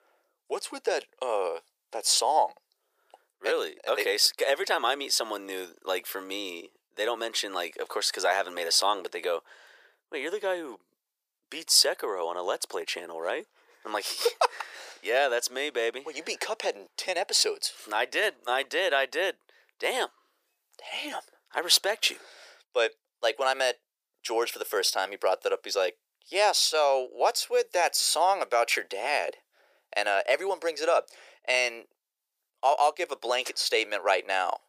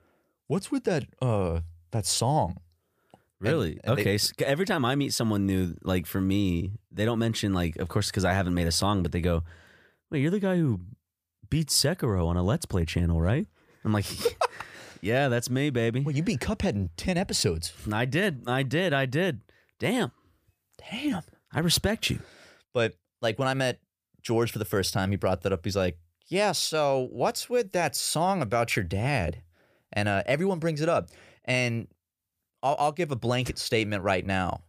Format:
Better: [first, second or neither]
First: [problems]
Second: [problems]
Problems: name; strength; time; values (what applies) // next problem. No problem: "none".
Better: second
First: thin; very; fading below 400 Hz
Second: none